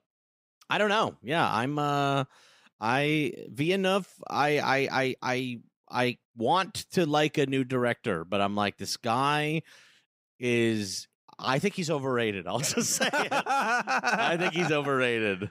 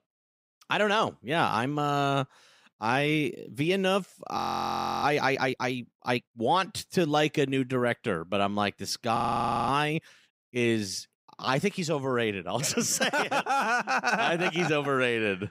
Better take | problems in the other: first | audio freezing; at 4.5 s for 0.5 s and at 9 s for 0.5 s

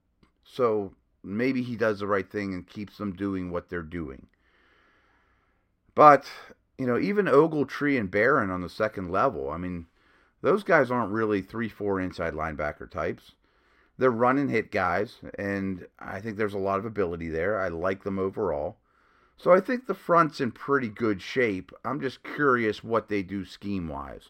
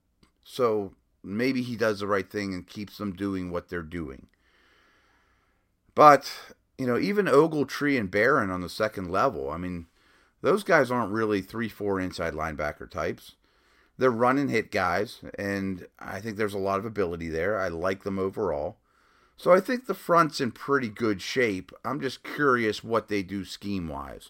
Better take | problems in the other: second | muffled; very slightly; fading above 4 kHz

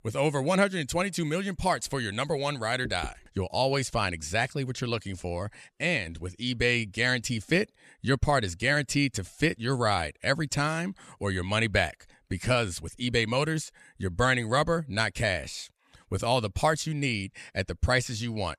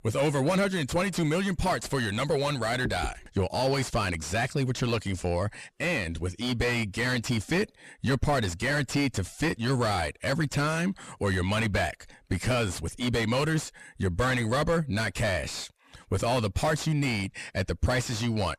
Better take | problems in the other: first | distortion; heavy; 5 dB below the speech

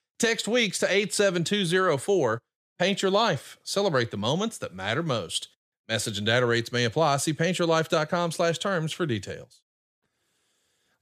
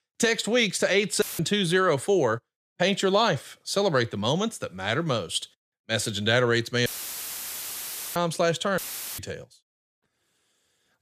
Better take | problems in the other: first | audio cutting out; filled with static; at 1 s, at 7 s for 1.5 s and at 9 s

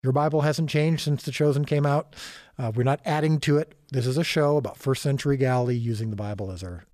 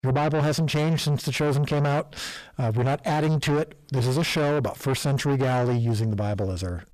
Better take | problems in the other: first | distortion; heavy; 7 dB below the speech

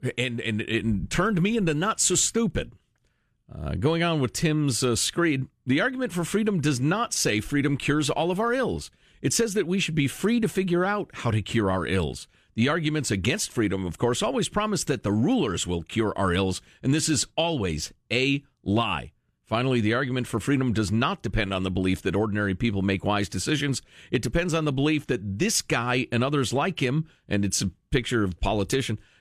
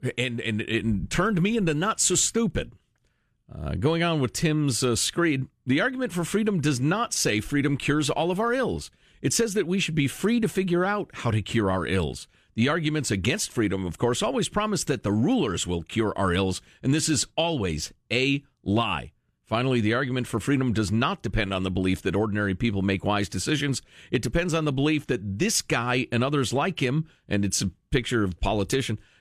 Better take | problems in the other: neither | none

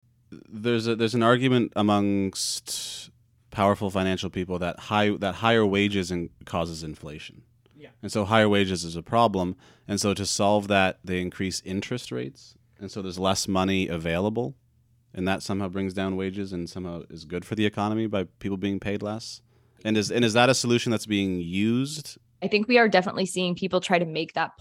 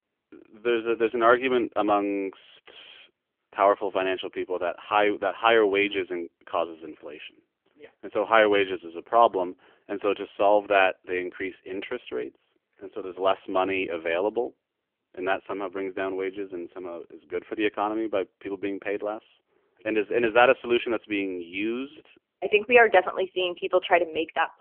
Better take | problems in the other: first | phone-call audio; poor line; nothing above 3 kHz

